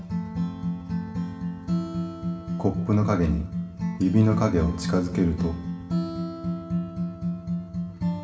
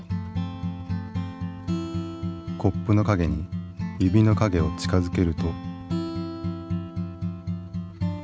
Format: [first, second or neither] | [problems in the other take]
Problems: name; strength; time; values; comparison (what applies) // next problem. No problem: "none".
second | room echo; dies away in 0.7 s